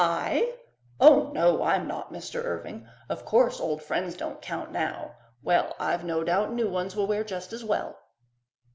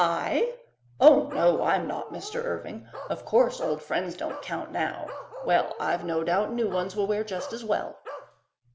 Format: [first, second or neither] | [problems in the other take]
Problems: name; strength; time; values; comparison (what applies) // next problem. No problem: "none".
first | background sound (Bark); 15 dB below the speech